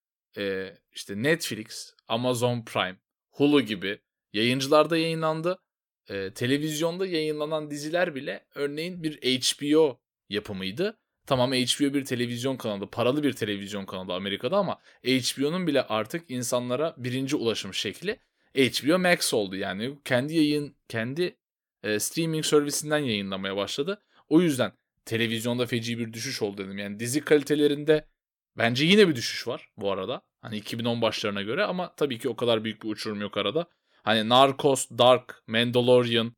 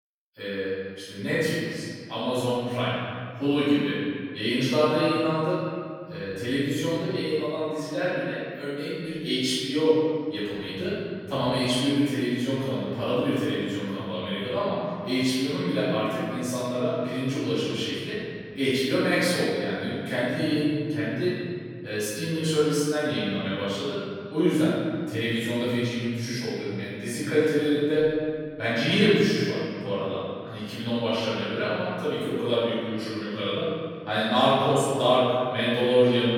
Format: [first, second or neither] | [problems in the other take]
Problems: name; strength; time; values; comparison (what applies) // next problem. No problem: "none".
first | off-mic speech; far // room echo; strong; dies away in 2.2 s